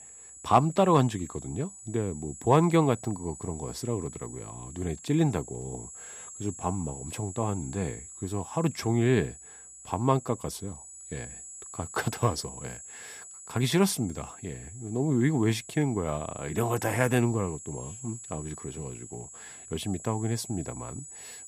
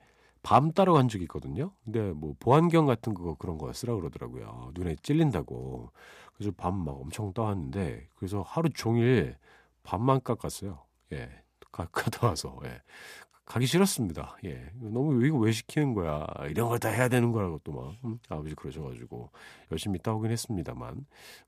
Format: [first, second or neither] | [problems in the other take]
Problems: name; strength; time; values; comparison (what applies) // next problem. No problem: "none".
second | high-pitched whine; noticeable; throughout; 7.5 kHz, 15 dB below the speech